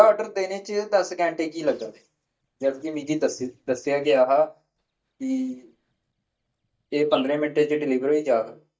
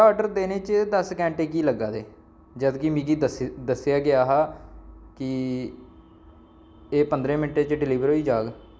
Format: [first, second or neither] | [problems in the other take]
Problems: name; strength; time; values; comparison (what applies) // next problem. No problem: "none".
second | noise reduction (neural mask model DeepFilterNet 3)